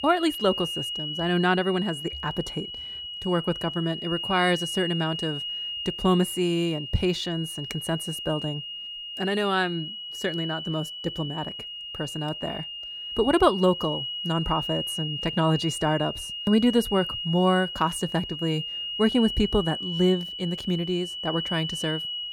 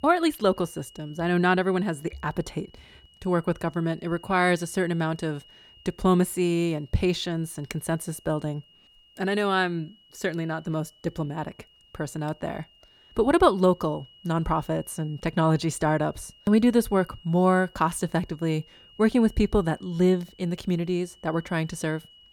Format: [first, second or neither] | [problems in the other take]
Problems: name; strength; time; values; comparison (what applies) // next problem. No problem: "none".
second | high-pitched whine; loud; throughout; 3 kHz, 5 dB below the speech; faint in the second